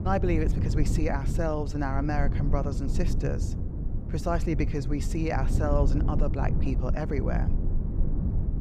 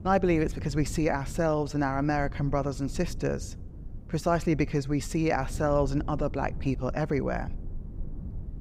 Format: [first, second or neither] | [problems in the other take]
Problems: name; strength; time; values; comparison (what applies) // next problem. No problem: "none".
second | low rumble; loud; throughout; 9 dB below the speech; faint in the second